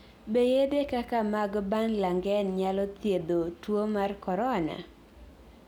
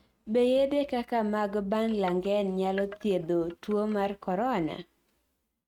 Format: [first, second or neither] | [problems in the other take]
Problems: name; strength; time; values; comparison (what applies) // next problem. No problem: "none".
first | noise reduction (neural mask model RNNoise)